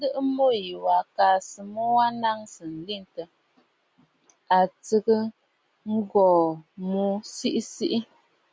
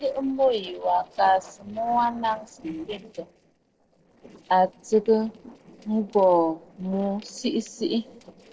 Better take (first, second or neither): first